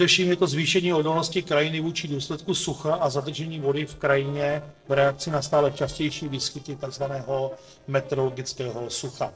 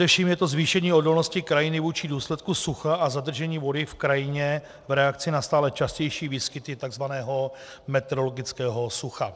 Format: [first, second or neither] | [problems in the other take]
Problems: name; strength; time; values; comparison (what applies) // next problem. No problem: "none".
second | noise reduction (neural separator model SepFormer DNS4)